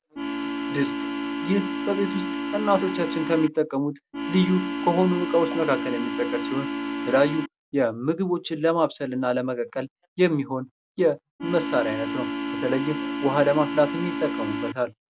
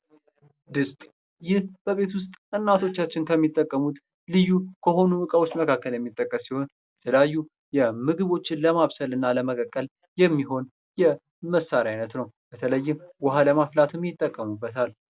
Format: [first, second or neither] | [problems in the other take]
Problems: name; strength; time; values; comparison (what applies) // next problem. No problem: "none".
second | background sound (Organ); 4 dB below the speech